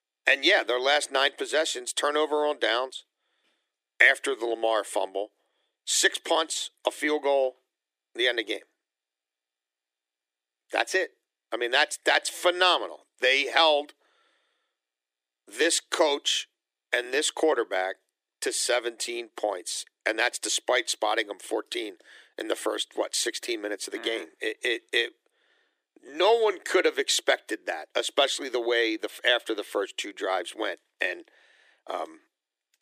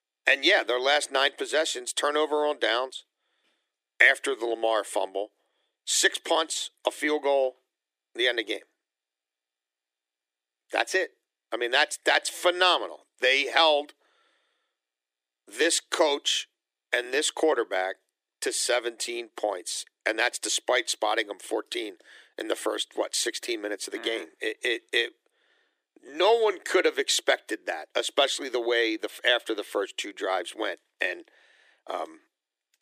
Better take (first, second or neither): neither